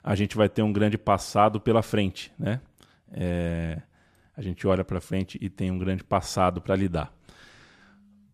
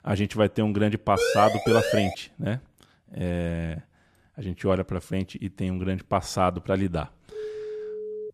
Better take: first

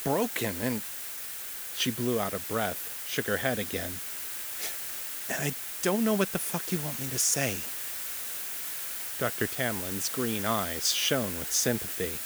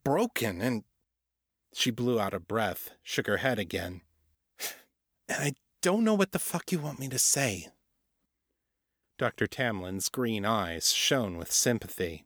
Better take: second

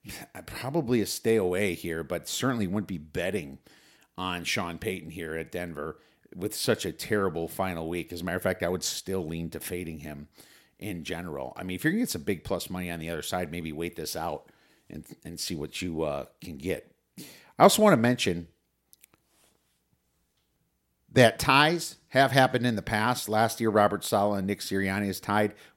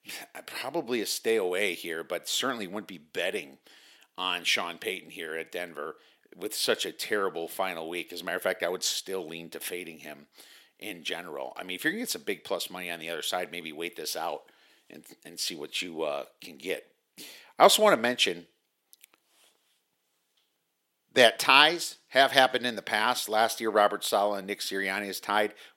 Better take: first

